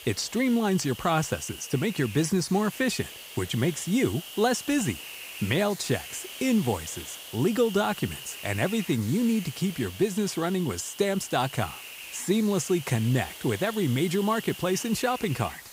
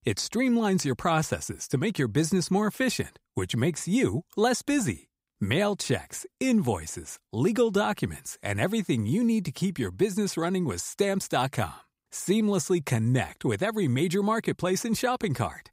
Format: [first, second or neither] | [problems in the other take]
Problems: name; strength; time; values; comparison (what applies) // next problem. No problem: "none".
second | hiss; noticeable; throughout; 10 dB below the speech